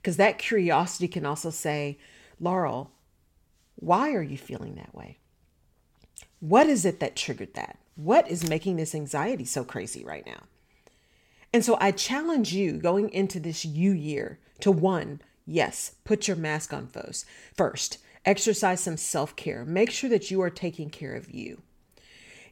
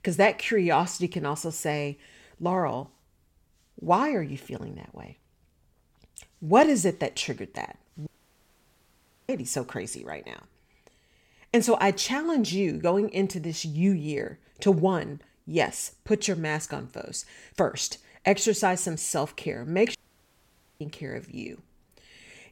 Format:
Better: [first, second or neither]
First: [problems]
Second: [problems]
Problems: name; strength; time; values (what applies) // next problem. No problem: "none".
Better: first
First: none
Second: audio cutting out; at 8 s for 1 s and at 20 s for 1 s